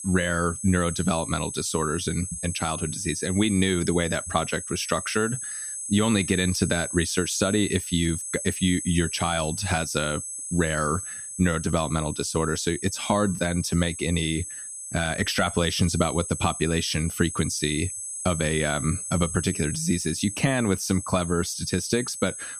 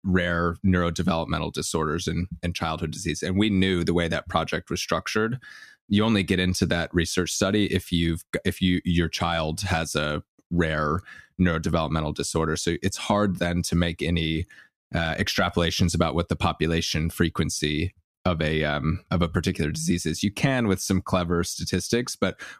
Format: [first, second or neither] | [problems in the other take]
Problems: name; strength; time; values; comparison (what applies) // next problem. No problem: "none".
second | high-pitched whine; loud; throughout; 8 kHz, 7 dB below the speech